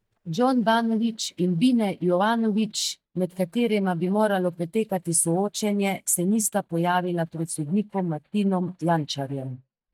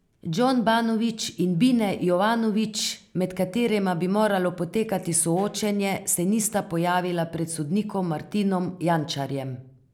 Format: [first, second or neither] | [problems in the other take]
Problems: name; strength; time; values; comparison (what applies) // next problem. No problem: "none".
second | noise reduction (neural mask model DeepFilterNet 3)